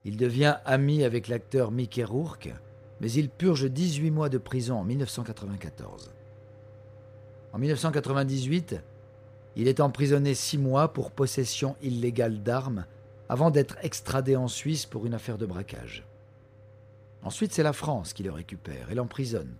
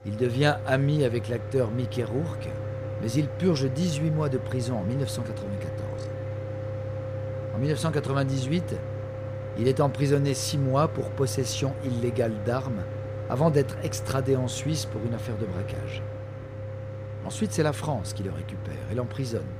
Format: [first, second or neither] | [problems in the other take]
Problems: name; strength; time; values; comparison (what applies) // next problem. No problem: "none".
first | machinery noise; loud; throughout; 7 dB below the speech; faint in the first